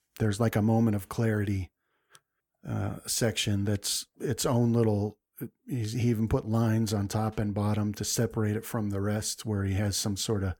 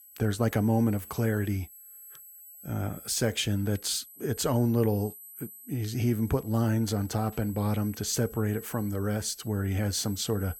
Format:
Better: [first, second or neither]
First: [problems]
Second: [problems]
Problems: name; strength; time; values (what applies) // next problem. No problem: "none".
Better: first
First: none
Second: high-pitched whine; noticeable; throughout; 12 kHz, 15 dB below the speech